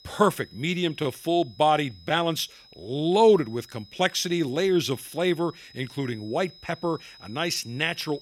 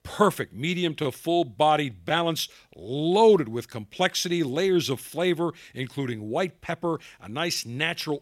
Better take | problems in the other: second | high-pitched whine; faint; throughout; 5 kHz, 25 dB below the speech

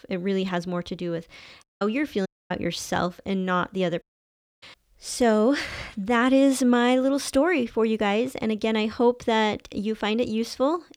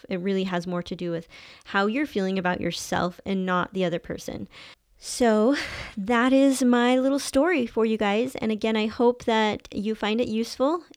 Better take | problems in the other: second | audio cutting out; at 1.5 s, at 2.5 s and at 4 s for 0.5 s

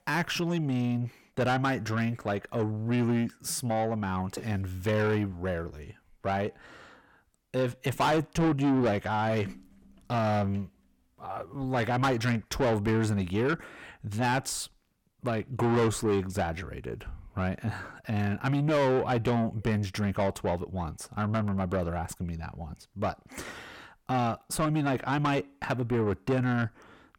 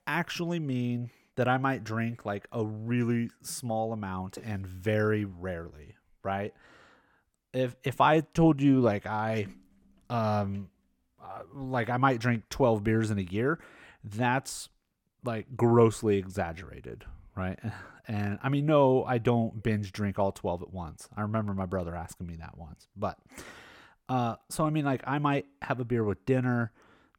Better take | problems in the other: second | distortion; heavy; 8 dB below the speech

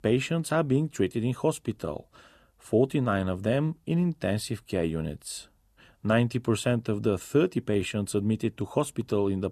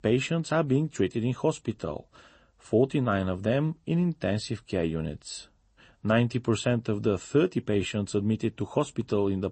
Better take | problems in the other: first | garbled, watery; slightly; nothing above 8 kHz

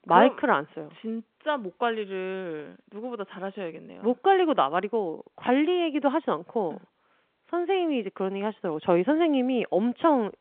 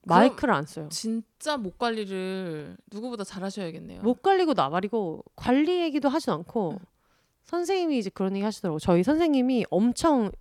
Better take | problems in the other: second | phone-call audio

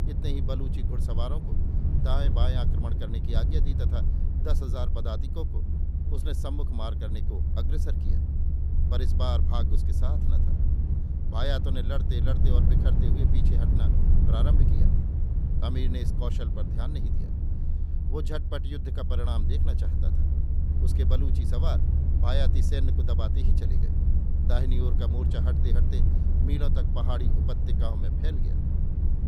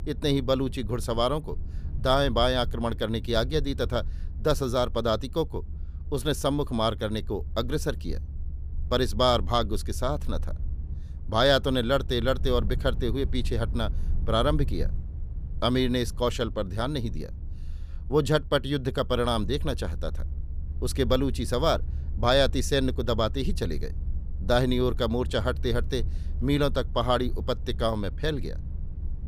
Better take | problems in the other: second | low rumble; loud; throughout; 3 dB below the speech; faint in the second

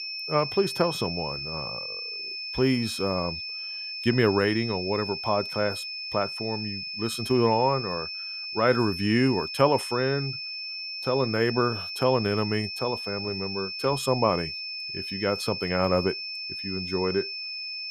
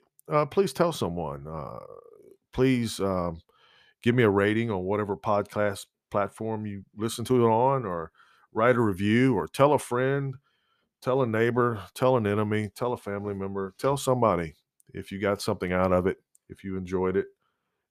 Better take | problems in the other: second | high-pitched whine; loud; throughout; 5.5 kHz, 5 dB below the speech

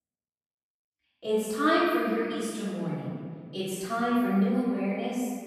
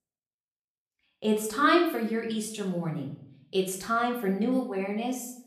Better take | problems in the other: second | room echo; strong; dies away in 2 s; slight in the second // off-mic speech; far; far in the second

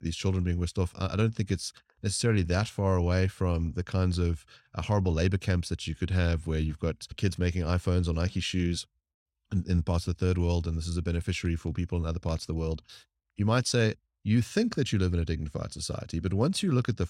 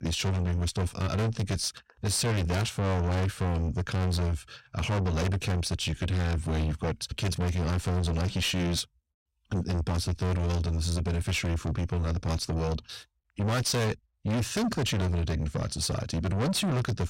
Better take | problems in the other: first | distortion; heavy; 5 dB below the speech

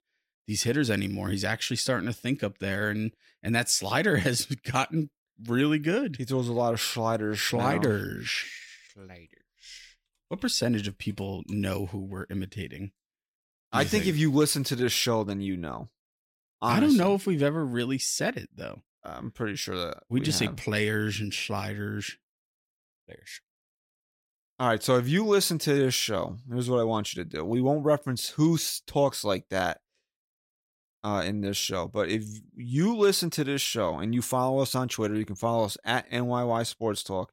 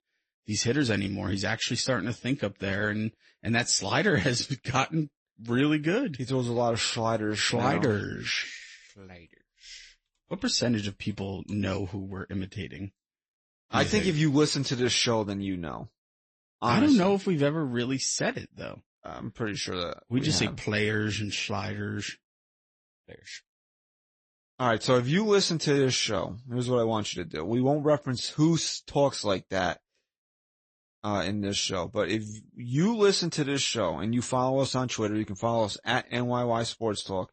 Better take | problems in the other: first | garbled, watery; slightly; nothing above 8 kHz

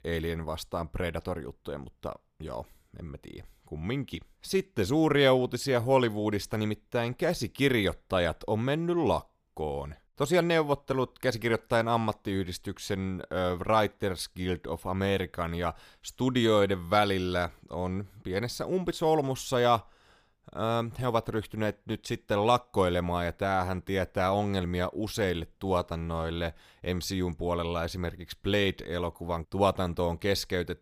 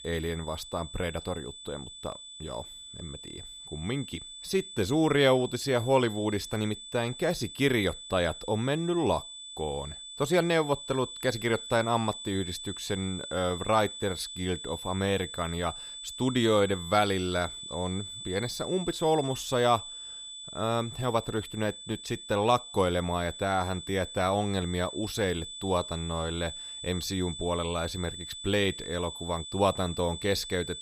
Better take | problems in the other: first | high-pitched whine; noticeable; throughout; 3.5 kHz, 10 dB below the speech

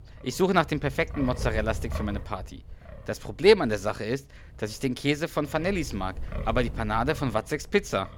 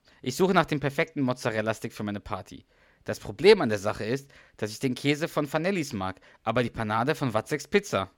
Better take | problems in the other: second | wind noise on the microphone; occasional gusts; 20 dB below the speech

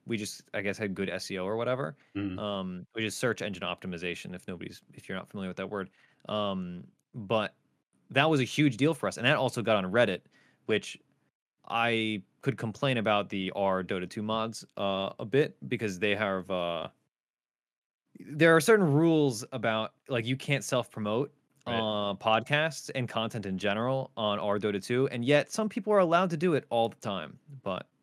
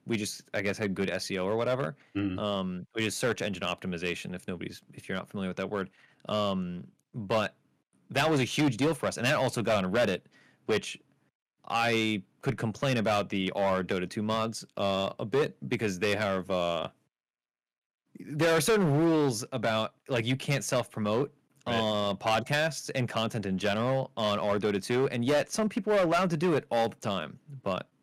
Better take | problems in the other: first | distortion; heavy; 6% of the sound clipped

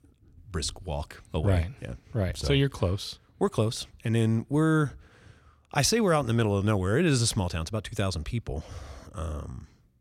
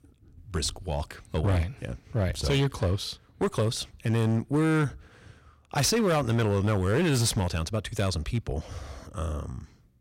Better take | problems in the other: first | distortion; slight; 10% of the sound clipped

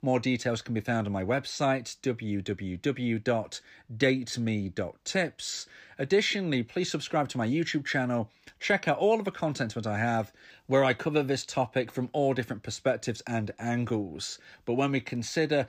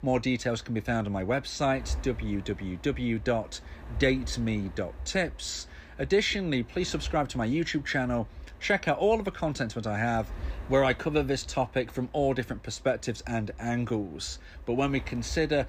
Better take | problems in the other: first | wind noise on the microphone; occasional gusts; 25 dB below the speech

